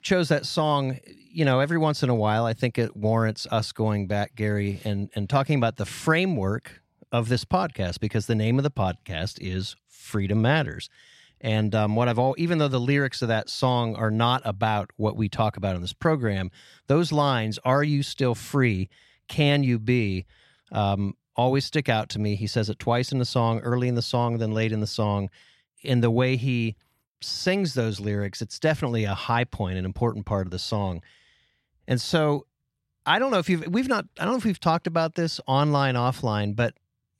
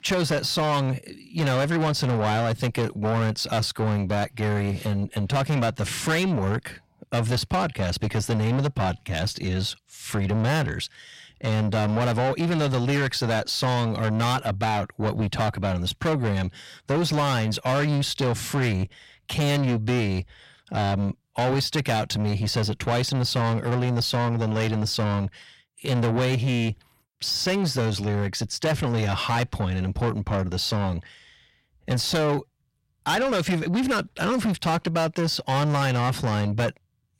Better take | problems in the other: first | distortion; heavy; 6 dB below the speech

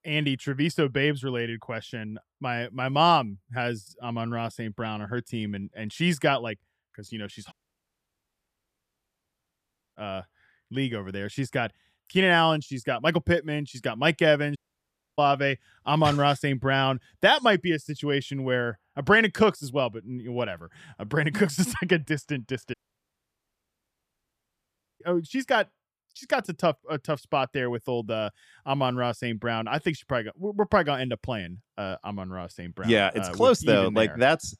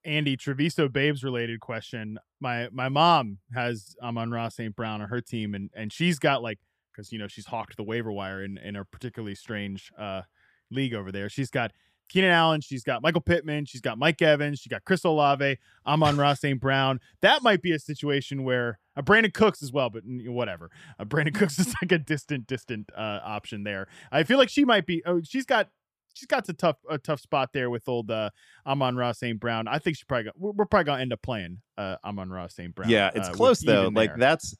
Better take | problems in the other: second | audio cutting out; at 7.5 s for 2.5 s, at 15 s for 0.5 s and at 23 s for 2.5 s

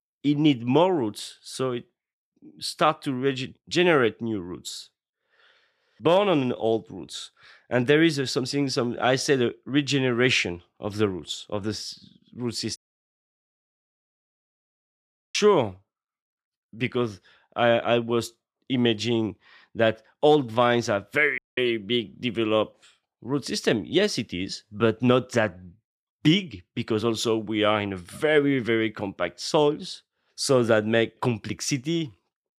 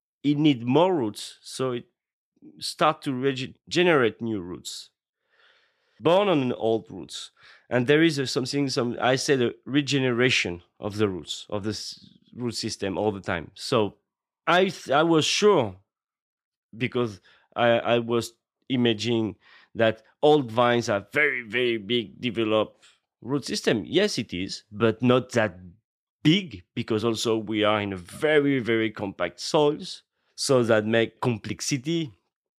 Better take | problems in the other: second | audio cutting out; at 13 s for 2.5 s and at 21 s

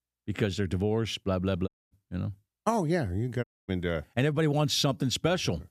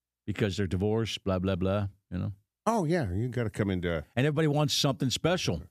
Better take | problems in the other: second | audio cutting out; at 1.5 s and at 3.5 s

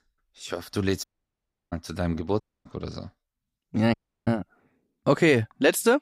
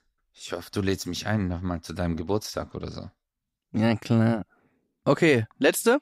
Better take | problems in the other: second | audio cutting out; at 1 s for 0.5 s, at 2.5 s and at 4 s

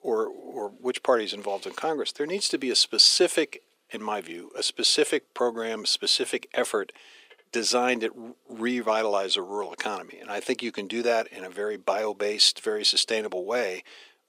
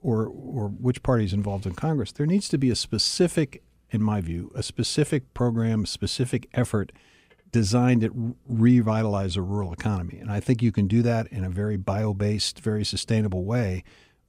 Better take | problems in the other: second | thin; very; fading below 350 Hz

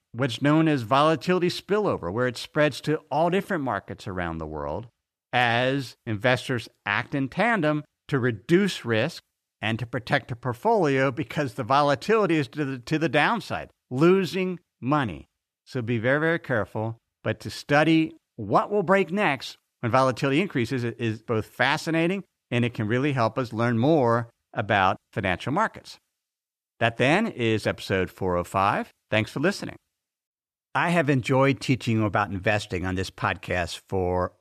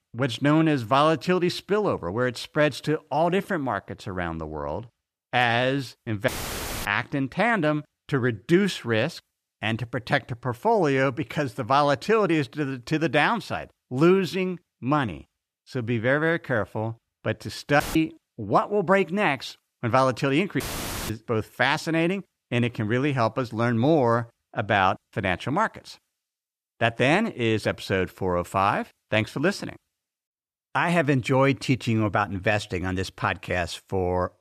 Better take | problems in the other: first | audio cutting out; filled with static; at 6.5 s for 0.5 s, at 18 s and at 21 s for 0.5 s

